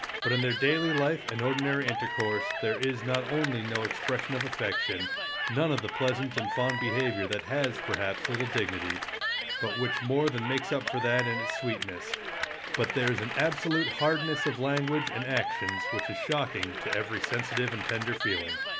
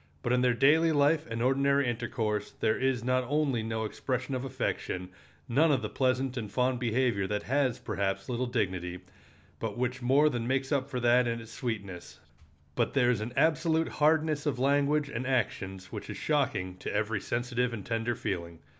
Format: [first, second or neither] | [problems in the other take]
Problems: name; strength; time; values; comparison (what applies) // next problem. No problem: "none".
second | background sound (Cheering / Clapping); 3 dB below the speech